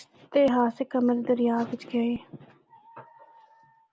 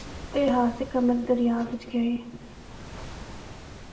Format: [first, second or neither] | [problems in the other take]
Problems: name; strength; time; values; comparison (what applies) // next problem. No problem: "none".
first | background sound (Waves, surf); 14 dB below the speech // room echo; dies away in 0.7 s